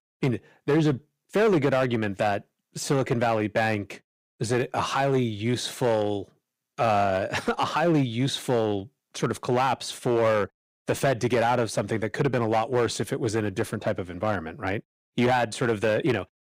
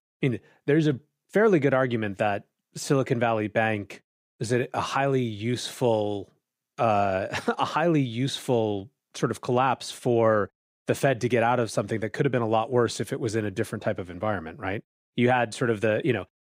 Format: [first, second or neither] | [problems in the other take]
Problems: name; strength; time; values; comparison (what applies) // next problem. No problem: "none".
second | distortion; slight; 6% of the sound clipped